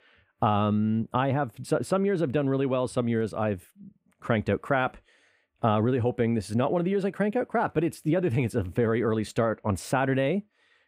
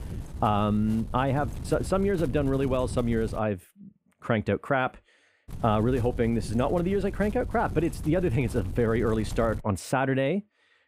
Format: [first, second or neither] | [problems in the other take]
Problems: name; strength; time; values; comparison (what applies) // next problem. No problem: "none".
first | wind noise on the microphone; occasional gusts; until 3.5 s and from 5.5 to 9.5 s; 20 dB below the speech